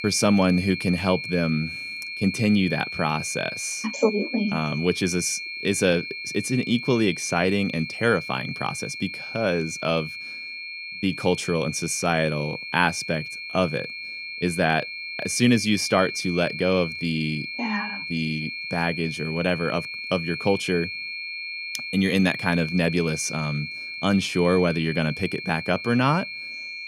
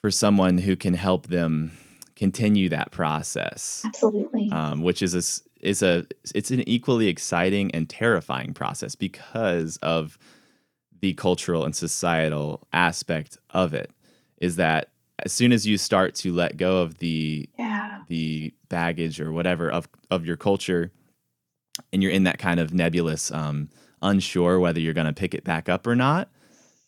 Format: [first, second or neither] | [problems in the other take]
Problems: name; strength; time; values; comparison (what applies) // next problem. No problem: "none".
second | high-pitched whine; loud; throughout; 2.5 kHz, 7 dB below the speech